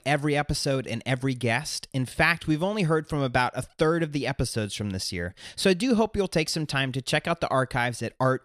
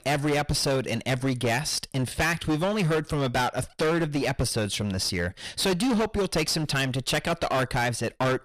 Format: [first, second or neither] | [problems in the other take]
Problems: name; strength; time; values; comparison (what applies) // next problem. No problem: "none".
first | distortion; heavy; 22% of the sound clipped